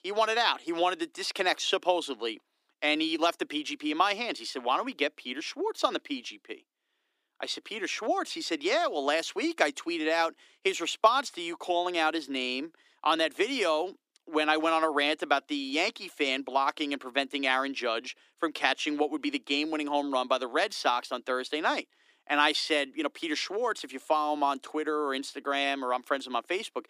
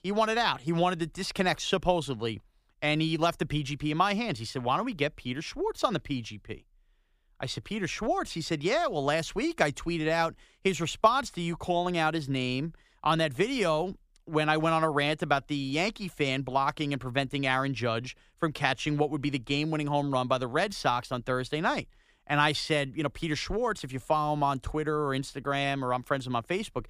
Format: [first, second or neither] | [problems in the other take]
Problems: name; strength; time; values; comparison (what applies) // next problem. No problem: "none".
second | thin; very slightly; fading below 300 Hz